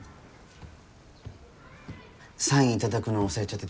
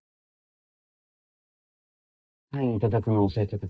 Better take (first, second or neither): first